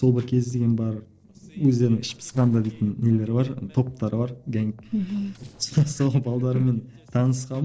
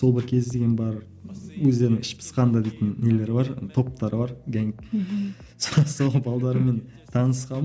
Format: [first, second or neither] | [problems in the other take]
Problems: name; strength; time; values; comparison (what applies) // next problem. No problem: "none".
second | noise reduction (neural separator model SepFormer DNS4)